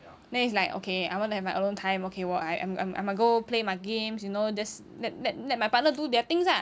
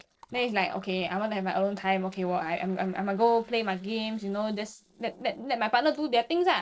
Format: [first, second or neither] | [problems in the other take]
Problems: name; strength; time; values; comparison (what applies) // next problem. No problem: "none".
first | noise reduction (neural separator model SepFormer DNS4)